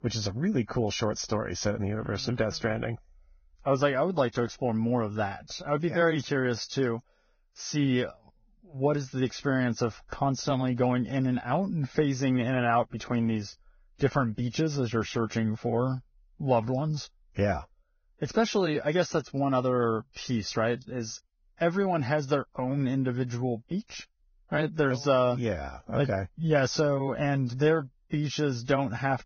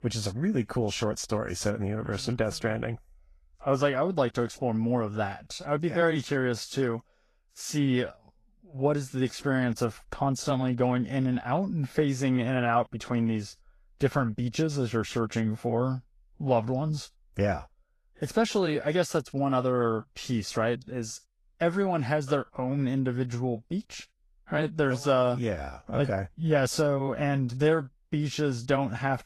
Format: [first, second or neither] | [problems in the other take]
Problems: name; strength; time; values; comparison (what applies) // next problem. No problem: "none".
second | garbled, watery; badly; nothing above 6.5 kHz; slightly in the second